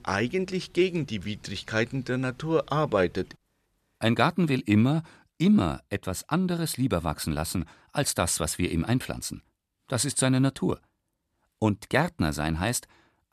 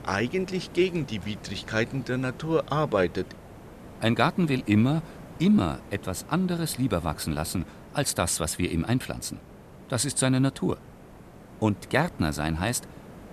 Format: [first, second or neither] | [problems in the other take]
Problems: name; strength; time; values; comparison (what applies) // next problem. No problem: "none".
first | hiss; noticeable; throughout; 20 dB below the speech